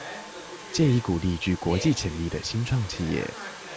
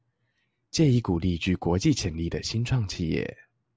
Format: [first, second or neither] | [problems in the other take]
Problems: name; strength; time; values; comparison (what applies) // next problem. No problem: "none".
second | background sound (Domestic sounds, home sounds); 13 dB below the speech